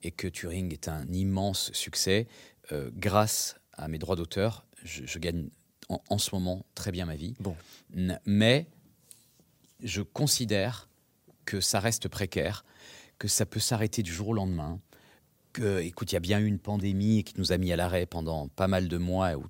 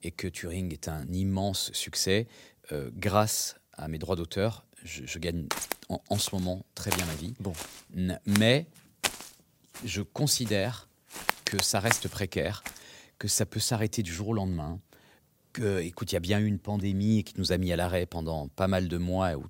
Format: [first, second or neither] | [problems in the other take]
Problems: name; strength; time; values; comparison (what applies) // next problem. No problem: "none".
first | footsteps; loud; from 5.5 to 13 s; peak 1 dB above the speech